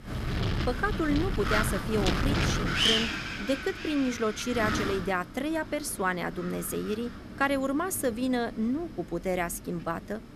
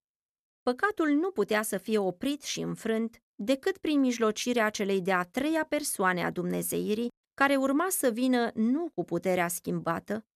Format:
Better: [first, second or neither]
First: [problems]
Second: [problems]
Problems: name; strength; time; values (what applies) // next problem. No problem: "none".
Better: second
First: wind noise on the microphone; heavy; 1 dB above the speech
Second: none